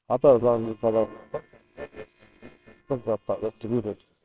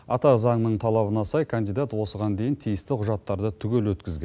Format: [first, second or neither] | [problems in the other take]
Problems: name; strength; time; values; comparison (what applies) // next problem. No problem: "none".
second | noise reduction (neural separator model SepFormer WHAMR!)